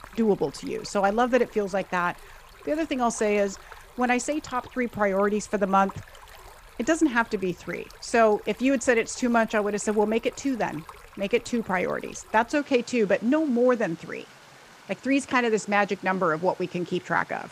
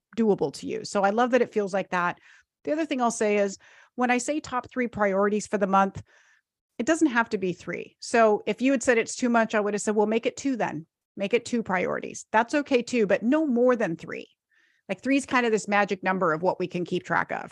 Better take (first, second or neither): second